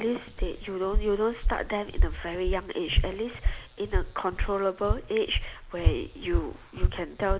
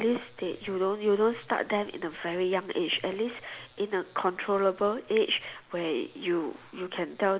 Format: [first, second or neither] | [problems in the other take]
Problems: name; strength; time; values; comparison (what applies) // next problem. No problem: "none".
second | background sound (Walk, footsteps); 2 dB above the speech